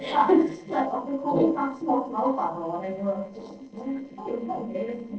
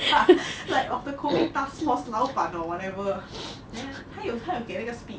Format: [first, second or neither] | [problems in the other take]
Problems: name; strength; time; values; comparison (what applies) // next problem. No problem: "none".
second | noise reduction (neural separator model SepFormer DNS4)